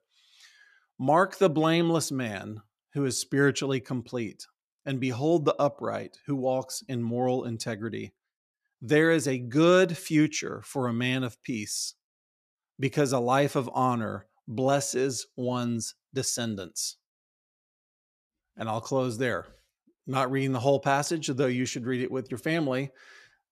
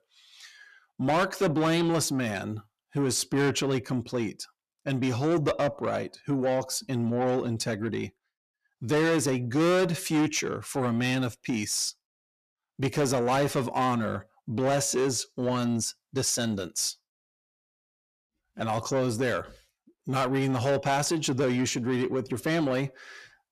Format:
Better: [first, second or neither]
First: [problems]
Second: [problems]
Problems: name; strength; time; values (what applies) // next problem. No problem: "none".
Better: first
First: none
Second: distortion; heavy; 8 dB below the speech